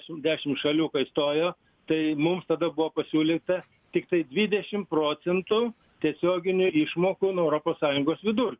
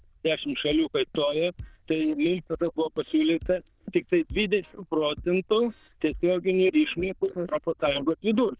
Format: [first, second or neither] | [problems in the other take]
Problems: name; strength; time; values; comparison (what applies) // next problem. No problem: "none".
first | noise reduction (neural diffusion model UNIVERSE++)